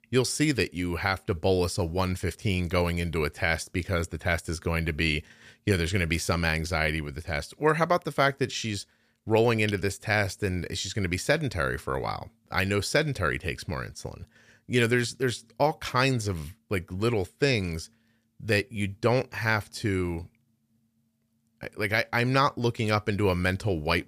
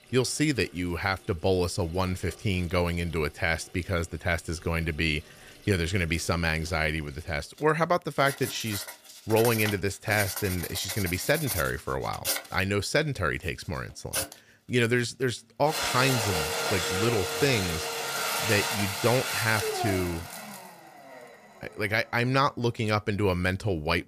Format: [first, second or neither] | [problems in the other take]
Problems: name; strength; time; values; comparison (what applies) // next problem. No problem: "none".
first | household noises; loud; throughout; 3 dB below the speech